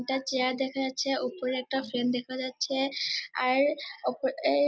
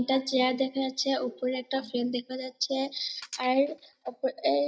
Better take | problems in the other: first | noise reduction (neural mask model DeepFilterNet 3)

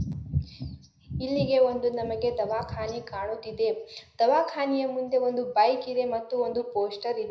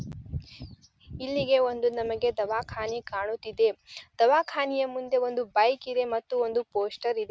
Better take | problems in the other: second | room echo; dies away in 0.5 s

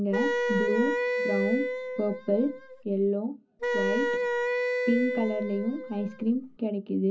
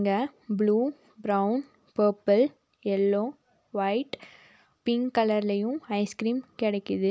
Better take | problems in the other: second | background sound (Wind instrument, woodwind instrument); as loud as the speech // room echo; dies away in 0.4 s

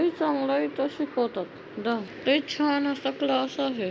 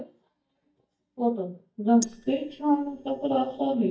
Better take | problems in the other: first | noise reduction (neural mask model DeepFilterNet 3)

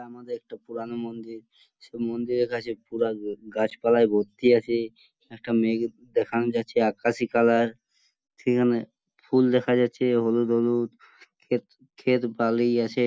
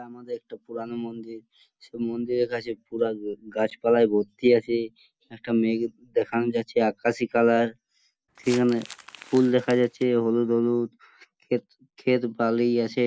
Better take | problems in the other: first | background sound (Crumpling, crinkling); 19 dB below the speech

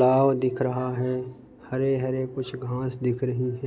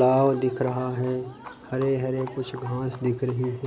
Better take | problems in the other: first | background sound (Livestock, farm animals, working animals); 19 dB below the speech

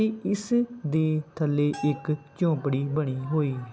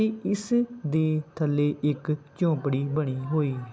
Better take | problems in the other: second | background sound (Bell); 19 dB below the speech

